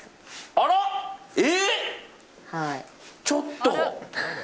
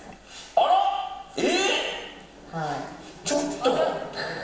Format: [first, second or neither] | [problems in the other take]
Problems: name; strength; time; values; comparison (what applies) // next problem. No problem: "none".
first | background sound (Mechanisms); 19 dB below the speech // room echo; dies away in 1 s